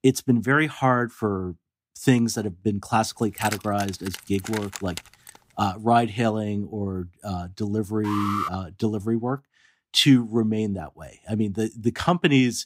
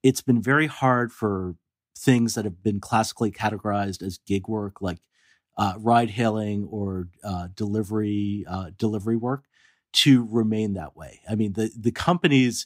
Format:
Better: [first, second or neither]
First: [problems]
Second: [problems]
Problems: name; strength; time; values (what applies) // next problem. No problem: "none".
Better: second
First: jangling keys; noticeable; from 3.5 to 5.5 s; peak 8 dB below the speech // alarm; noticeable; at 8 s; peak 3 dB below the speech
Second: none